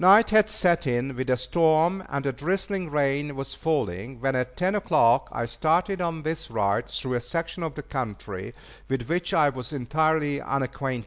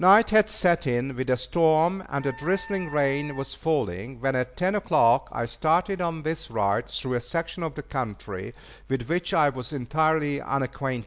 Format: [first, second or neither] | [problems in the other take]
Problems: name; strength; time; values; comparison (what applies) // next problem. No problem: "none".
first | background sound (Wind instrument, woodwind instrument); 18 dB below the speech